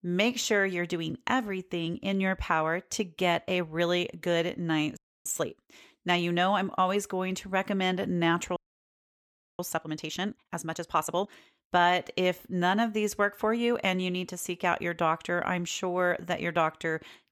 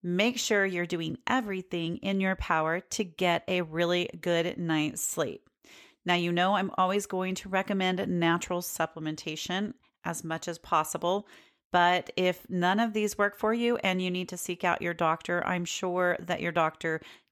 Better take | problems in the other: second | audio freezing; at 5 s and at 8.5 s for 1 s

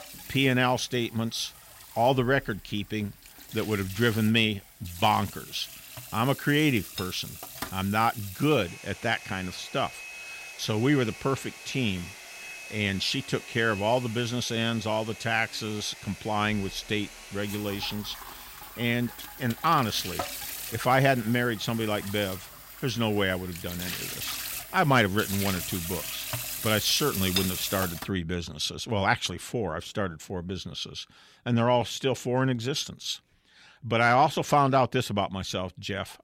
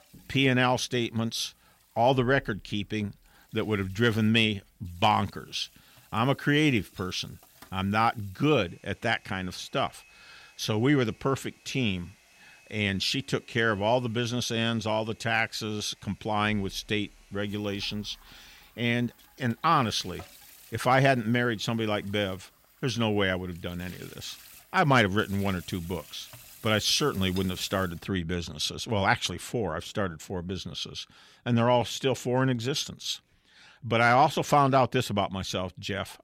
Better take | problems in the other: second | household noises; loud; until 28 s; 10 dB below the speech; faint in the second

